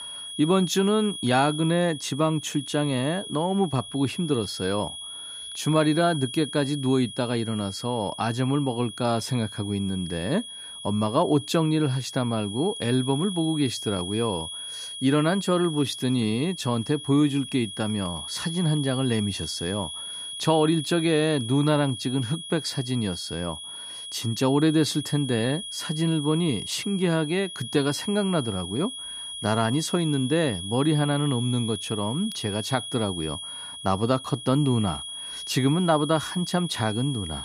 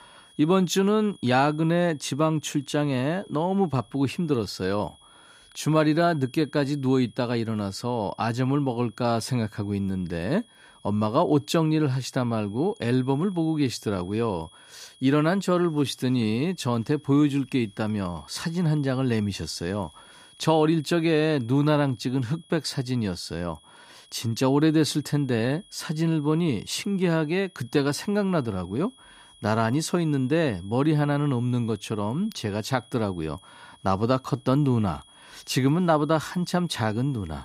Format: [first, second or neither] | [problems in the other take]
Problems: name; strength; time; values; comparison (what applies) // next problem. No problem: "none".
second | high-pitched whine; loud; throughout; 3.5 kHz, 9 dB below the speech; faint in the second